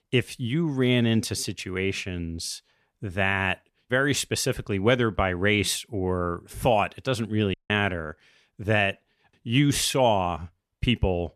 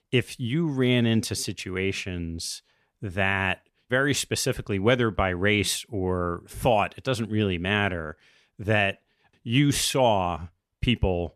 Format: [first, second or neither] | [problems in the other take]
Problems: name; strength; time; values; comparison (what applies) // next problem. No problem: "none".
second | audio cutting out; at 7.5 s